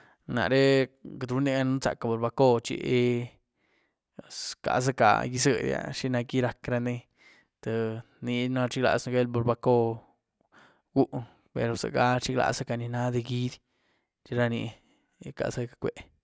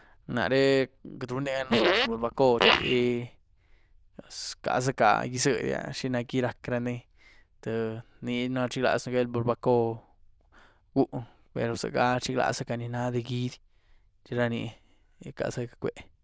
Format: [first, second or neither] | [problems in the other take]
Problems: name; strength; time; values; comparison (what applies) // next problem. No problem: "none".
first | noise reduction (neural diffusion model UNIVERSE++)